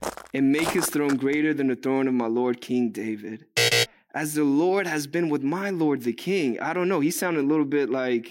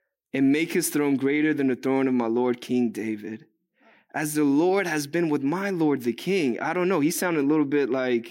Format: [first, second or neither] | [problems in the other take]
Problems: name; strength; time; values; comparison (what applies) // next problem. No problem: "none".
second | footsteps; noticeable; until 1.5 s; peak 5 dB below the speech // alarm; loud; at 3.5 s; peak 5 dB above the speech